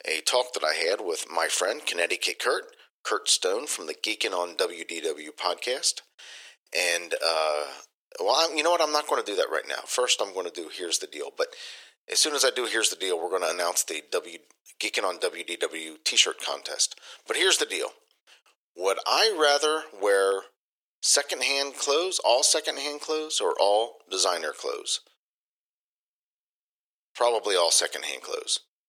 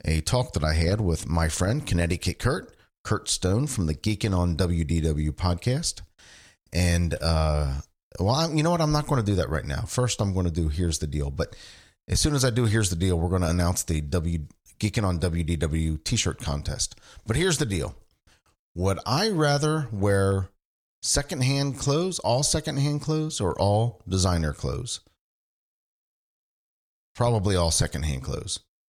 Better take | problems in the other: second | thin; very; fading below 400 Hz

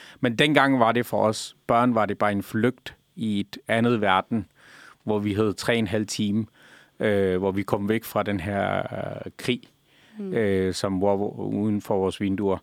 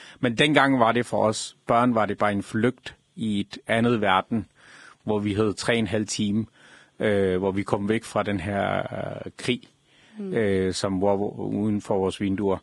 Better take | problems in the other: first | garbled, watery; badly

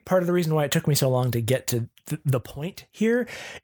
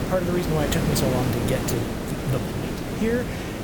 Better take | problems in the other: first | hiss; loud; throughout; as loud as the speech

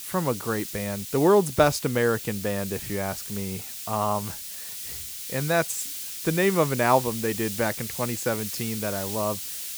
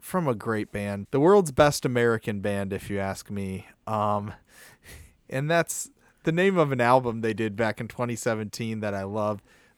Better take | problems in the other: second | hiss; loud; throughout; 7 dB below the speech

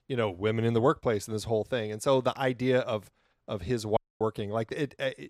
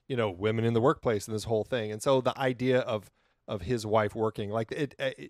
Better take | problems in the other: second | audio cutting out; at 4 s

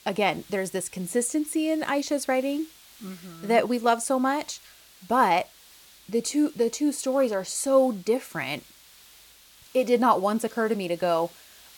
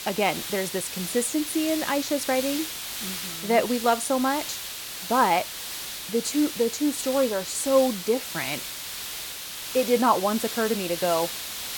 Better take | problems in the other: first | hiss; loud; throughout; 7 dB below the speech; faint in the first

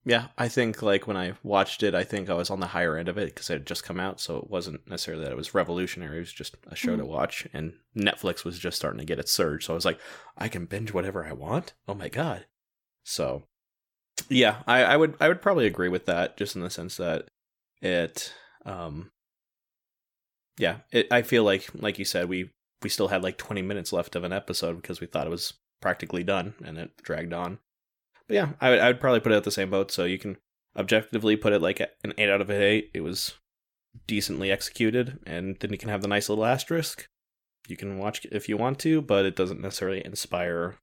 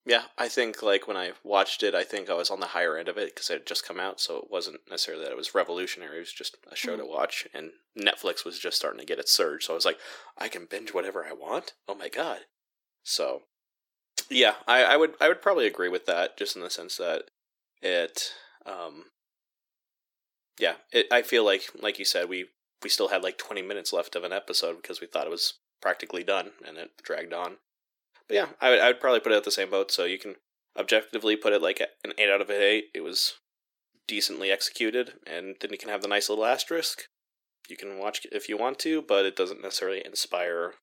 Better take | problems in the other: first | thin; somewhat; fading below 350 Hz

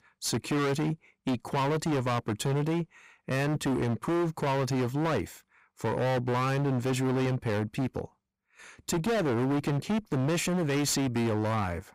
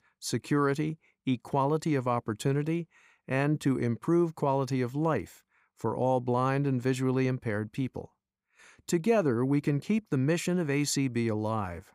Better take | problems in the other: second | distortion; heavy; 30% of the sound clipped

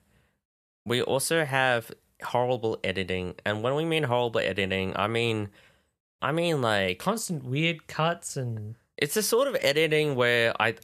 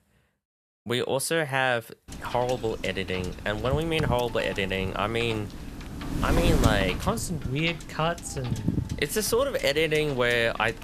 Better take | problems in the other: first | wind noise on the microphone; occasional gusts; from 2 s on; 10 dB below the speech

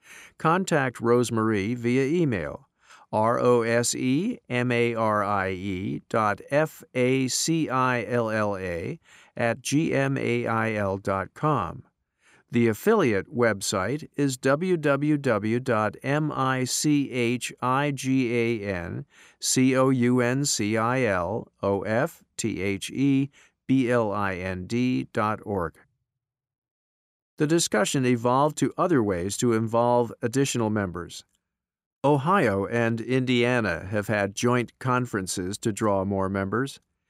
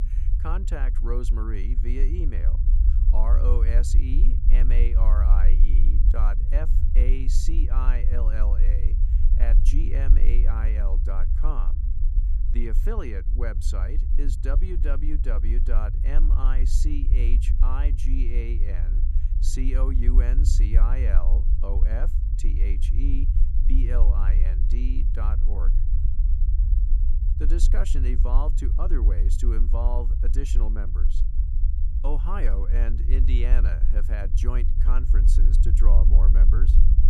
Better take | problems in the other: first | low rumble; loud; throughout; 7 dB below the speech

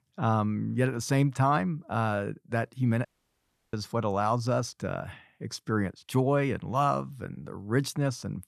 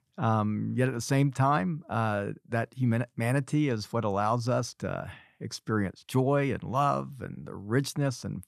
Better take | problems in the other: second | audio cutting out; at 3 s for 0.5 s

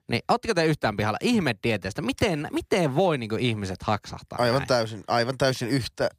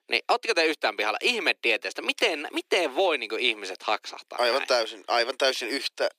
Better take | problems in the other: first | thin; very; fading below 350 Hz

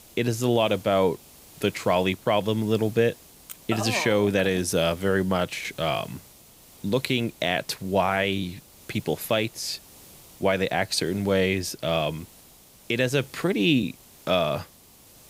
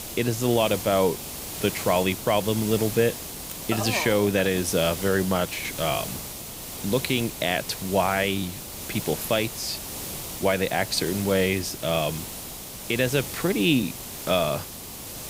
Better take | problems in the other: first | hiss; loud; throughout; 8 dB below the speech; faint in the first

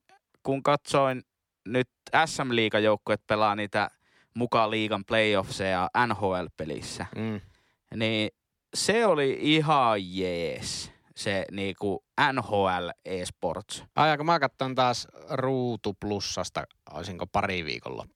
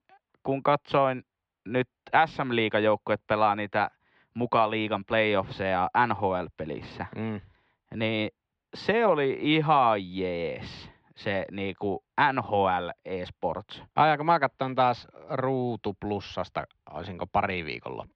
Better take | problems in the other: first | muffled; slightly; fading above 3.5 kHz

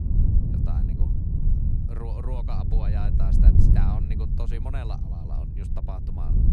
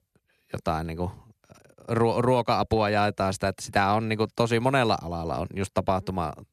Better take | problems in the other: second | wind noise on the microphone; heavy; 2 dB above the speech

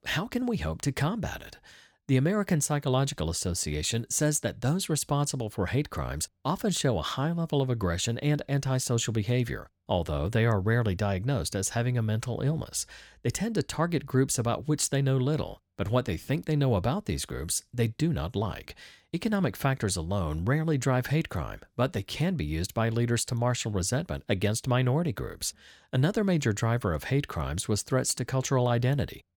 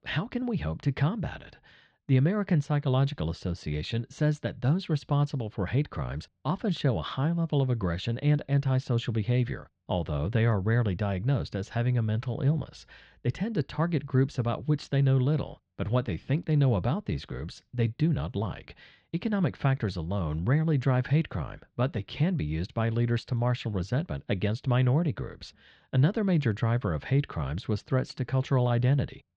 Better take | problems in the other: first | muffled; slightly; fading above 4 kHz

